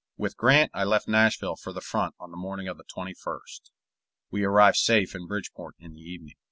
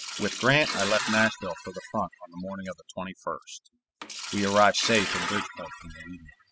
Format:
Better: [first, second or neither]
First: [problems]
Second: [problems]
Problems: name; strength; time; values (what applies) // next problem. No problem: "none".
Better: first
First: none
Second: noise reduction (classical method spectral subtraction)